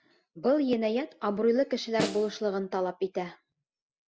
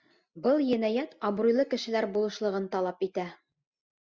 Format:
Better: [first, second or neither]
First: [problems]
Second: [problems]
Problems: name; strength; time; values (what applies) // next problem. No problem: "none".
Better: second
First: background sound (Snare drum); 11 dB below the speech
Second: none